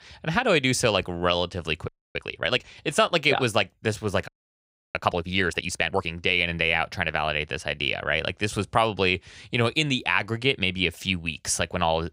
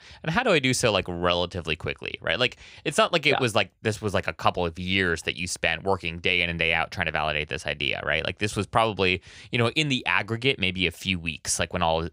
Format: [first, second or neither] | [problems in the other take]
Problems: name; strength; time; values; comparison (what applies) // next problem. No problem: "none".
second | audio freezing; at 2 s and at 4.5 s for 0.5 s